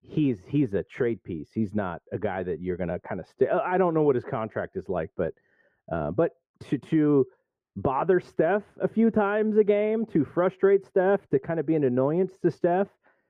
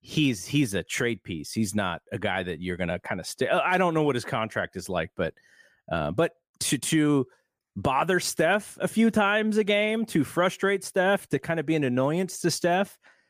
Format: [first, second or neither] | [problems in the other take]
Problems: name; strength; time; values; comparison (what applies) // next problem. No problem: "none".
second | muffled; very; fading above 3 kHz